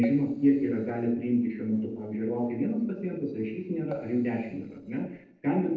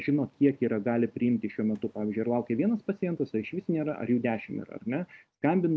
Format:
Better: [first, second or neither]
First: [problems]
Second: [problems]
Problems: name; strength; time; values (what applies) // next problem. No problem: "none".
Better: second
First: noise reduction (neural separator model SepFormer DNS4)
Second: none